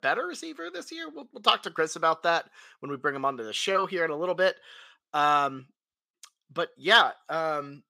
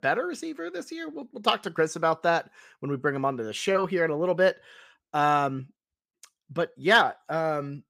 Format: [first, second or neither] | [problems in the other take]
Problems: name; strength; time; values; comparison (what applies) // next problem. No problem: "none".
second | thin; very slightly; fading below 750 Hz